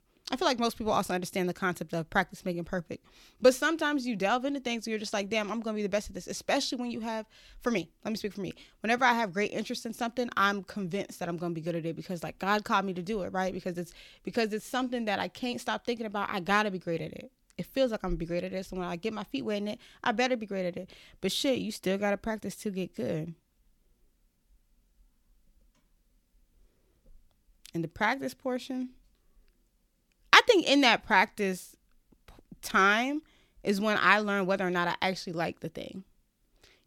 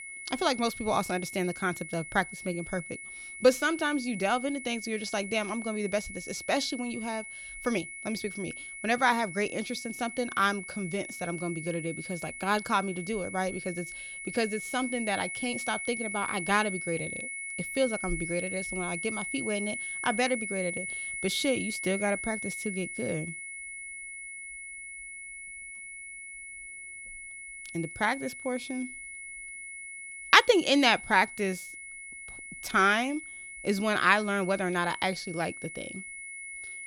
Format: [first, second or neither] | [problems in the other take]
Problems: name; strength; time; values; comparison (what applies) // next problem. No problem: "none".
first | high-pitched whine; loud; throughout; 2 kHz, 8 dB below the speech